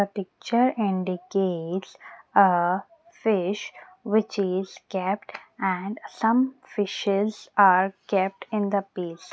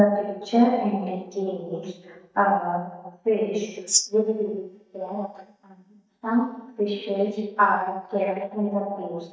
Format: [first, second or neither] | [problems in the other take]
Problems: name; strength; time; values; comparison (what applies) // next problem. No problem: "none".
first | noise reduction (neural mask model DeepFilterNet 3)